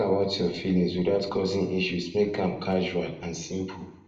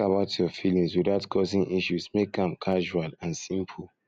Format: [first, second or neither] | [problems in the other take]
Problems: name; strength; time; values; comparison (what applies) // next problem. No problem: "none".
second | room echo; dies away in 0.7 s